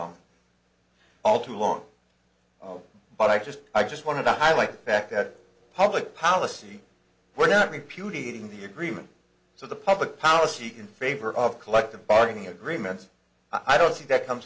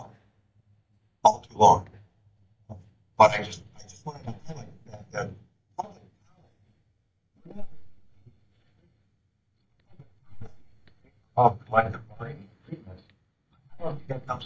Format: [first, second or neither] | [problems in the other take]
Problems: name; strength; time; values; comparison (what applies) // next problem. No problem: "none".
first | noise reduction (neural mask model DeepFilterNet 3)